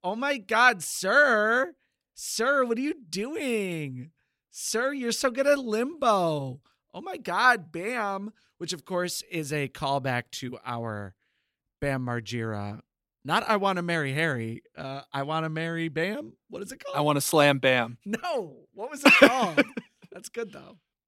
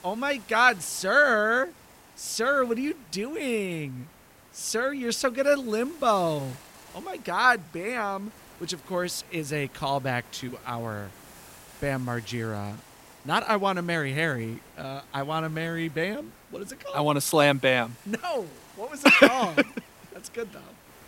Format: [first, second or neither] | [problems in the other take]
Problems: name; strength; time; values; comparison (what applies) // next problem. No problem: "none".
first | hiss; faint; throughout; 25 dB below the speech